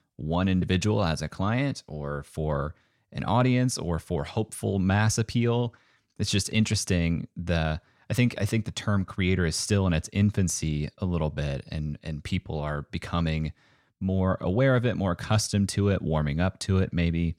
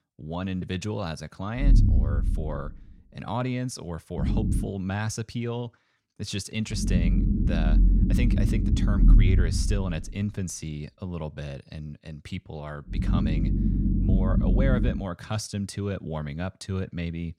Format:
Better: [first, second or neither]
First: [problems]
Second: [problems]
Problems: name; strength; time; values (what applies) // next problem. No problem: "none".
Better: first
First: none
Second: low rumble; loud; from 1.5 to 4.5 s, from 7 to 11 s and from 13 to 15 s; 1 dB below the speech